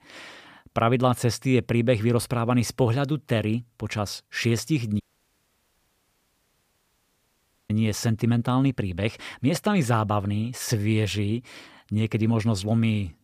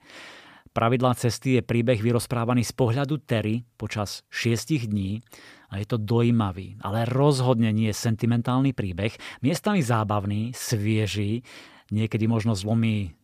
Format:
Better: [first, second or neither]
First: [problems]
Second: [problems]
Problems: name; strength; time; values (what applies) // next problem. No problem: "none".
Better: second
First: audio cutting out; at 5 s for 2.5 s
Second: none